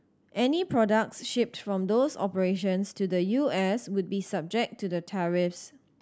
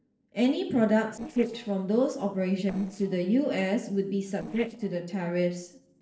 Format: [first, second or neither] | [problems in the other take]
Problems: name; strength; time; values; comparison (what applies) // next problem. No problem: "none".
first | noise reduction (neural separator model SepFormer DNS4)